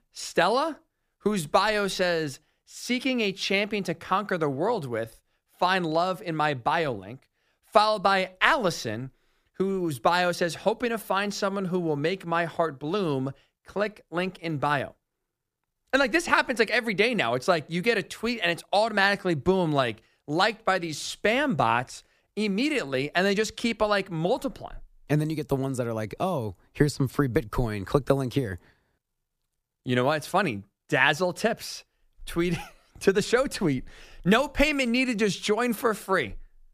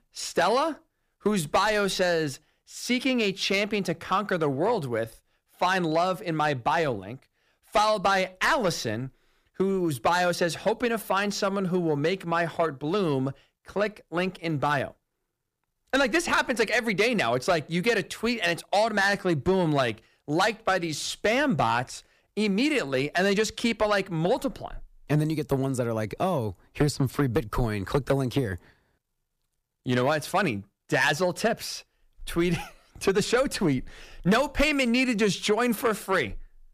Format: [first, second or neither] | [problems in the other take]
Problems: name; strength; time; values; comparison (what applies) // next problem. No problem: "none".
first | distortion; slight; 10 dB below the speech